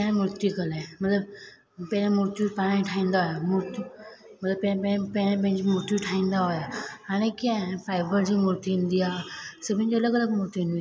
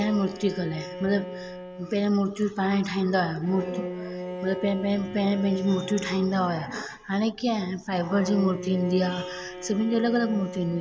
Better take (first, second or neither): first